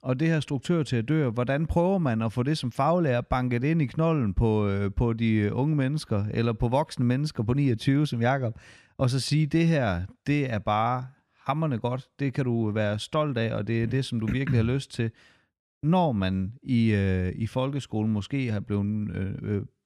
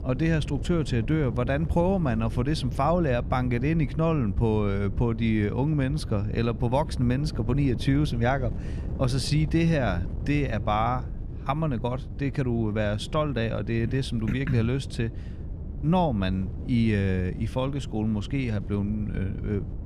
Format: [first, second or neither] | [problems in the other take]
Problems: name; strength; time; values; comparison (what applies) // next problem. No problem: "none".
first | wind noise on the microphone; occasional gusts; 15 dB below the speech